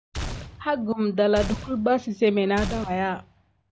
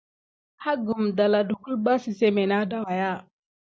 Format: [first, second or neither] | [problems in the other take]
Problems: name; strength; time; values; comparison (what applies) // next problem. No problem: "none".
second | background sound (Gunshot, gunfire); 11 dB below the speech